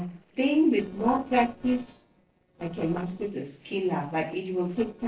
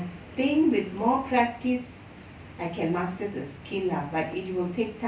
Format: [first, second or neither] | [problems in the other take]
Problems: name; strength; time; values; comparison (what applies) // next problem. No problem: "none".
second | noise reduction (neural separator model SepFormer DNS4)